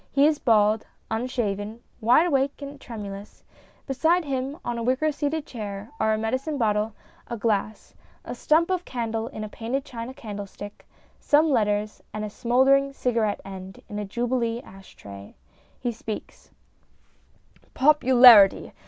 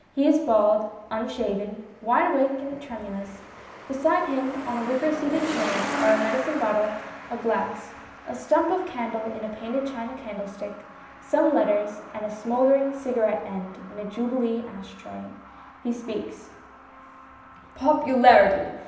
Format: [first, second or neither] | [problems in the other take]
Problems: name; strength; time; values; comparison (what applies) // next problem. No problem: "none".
first | background sound (Truck); 13 dB below the speech // room echo; dies away in 0.9 s